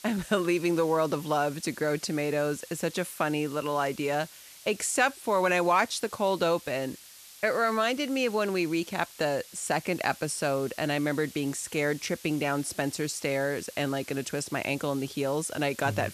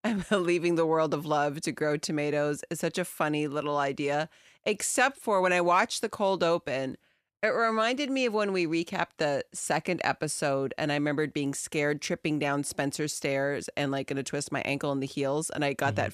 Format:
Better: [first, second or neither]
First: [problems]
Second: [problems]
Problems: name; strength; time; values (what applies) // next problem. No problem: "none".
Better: second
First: hiss; noticeable; throughout; 20 dB below the speech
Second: none